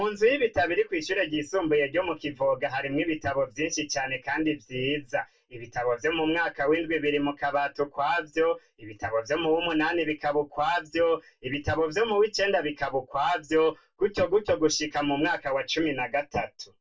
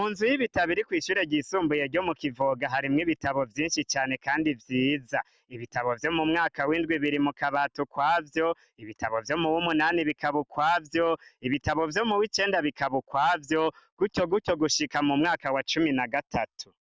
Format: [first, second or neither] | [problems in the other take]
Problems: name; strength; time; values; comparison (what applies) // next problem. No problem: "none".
second | room echo; dies away in 0.1 s